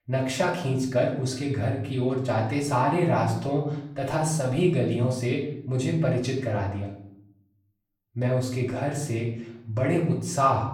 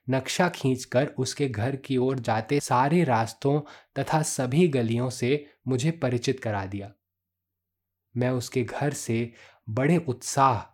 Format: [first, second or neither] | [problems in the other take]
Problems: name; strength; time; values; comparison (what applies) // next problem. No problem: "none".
second | off-mic speech; far // room echo; noticeable; dies away in 0.7 s